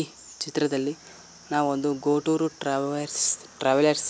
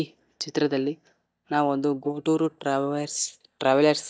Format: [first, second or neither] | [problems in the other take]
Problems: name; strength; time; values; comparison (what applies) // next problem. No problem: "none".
first | noise reduction (neural mask model DeepFilterNet 3)